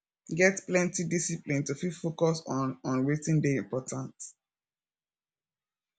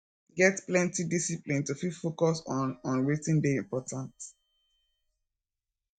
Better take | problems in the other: first | noise reduction (neural mask model DeepFilterNet 3)

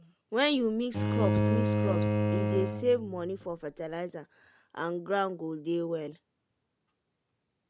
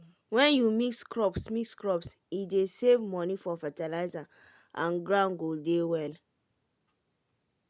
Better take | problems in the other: second | background sound (Bowed string instrument); 3 dB above the speech

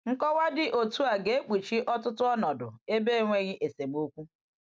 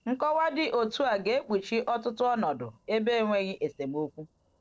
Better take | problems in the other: first | noise reduction (neural separator model SepFormer DNS4)

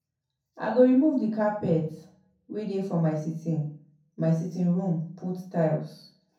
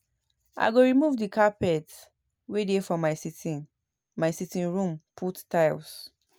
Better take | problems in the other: second | room echo; dies away in 0.5 s

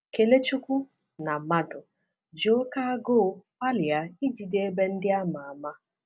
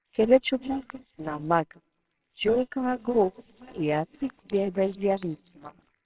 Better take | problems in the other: first | noise reduction (neural separator model SepFormer WHAMR!)

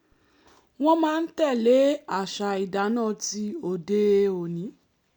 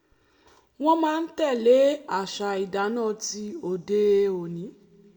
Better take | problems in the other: first | room echo; dies away in 1.6 s

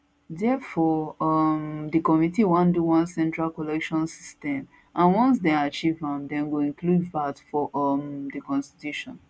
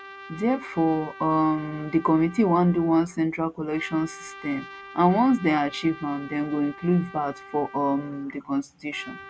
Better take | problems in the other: first | background sound (Trumpet); 19 dB below the speech

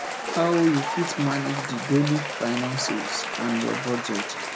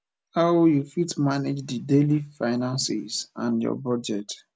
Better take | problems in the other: second | background sound (Applause / Cheering); 5 dB below the speech

